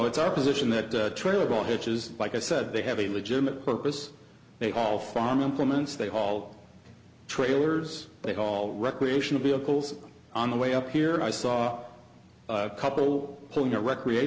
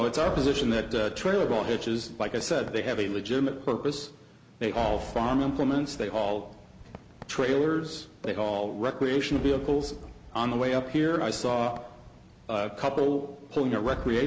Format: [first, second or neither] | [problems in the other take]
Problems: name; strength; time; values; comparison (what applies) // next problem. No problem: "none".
first | background sound (Cheering / Fireworks); 17 dB below the speech